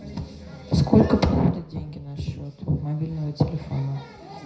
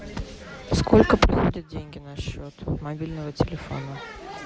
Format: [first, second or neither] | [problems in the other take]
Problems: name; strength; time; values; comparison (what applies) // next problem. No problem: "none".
second | room echo; dies away in 0.4 s